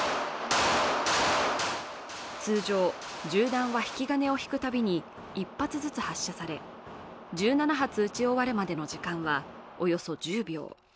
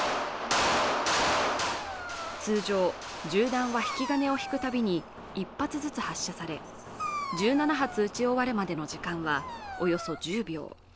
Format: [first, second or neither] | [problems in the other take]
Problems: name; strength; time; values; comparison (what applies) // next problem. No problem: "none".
first | background sound (Dog); 13 dB below the speech